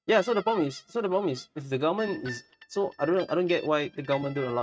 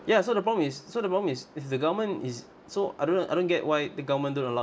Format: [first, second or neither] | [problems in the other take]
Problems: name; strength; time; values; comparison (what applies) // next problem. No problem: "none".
second | noise reduction (neural mask model RNNoise)